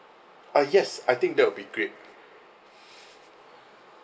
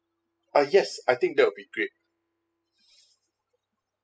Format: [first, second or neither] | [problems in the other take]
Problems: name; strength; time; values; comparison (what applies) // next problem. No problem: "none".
first | noise reduction (classical method spectral subtraction)